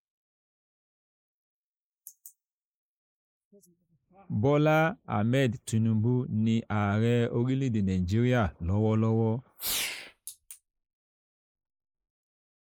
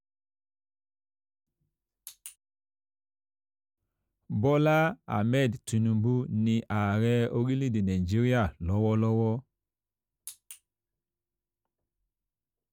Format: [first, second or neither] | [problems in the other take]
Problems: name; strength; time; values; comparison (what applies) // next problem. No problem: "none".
second | noise reduction (neural mask model Resemble Enhance denoiser)